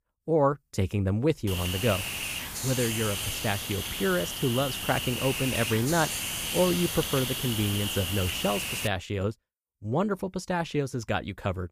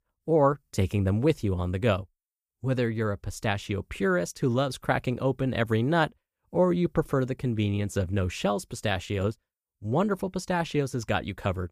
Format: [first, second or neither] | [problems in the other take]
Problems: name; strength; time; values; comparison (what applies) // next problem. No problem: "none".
second | hiss; loud; from 1.5 to 9 s; 2 dB below the speech